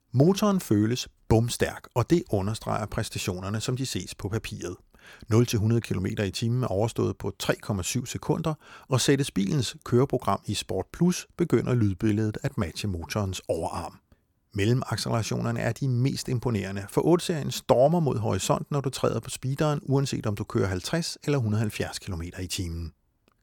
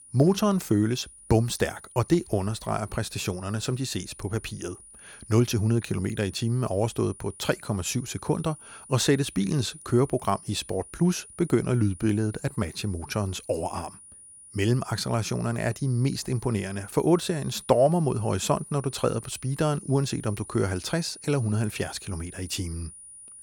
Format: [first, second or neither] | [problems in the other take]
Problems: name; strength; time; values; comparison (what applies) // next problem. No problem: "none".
first | high-pitched whine; noticeable; throughout; 9.5 kHz, 20 dB below the speech